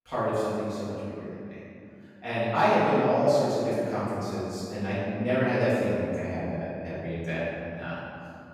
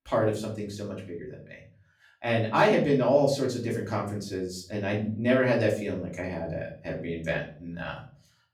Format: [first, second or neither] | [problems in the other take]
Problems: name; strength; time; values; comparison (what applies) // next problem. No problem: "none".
second | room echo; strong; dies away in 2.5 s; slight in the second // off-mic speech; far; far in the second